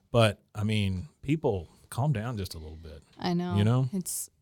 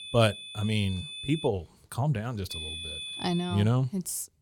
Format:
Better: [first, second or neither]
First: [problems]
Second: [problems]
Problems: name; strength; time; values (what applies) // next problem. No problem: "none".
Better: first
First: none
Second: high-pitched whine; loud; until 1.5 s and from 2.5 to 3.5 s; 3.5 kHz, 8 dB below the speech